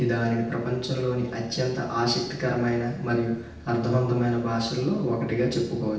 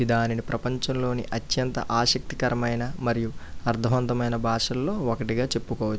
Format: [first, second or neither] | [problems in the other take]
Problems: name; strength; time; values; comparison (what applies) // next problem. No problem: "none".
second | room echo; dies away in 0.9 s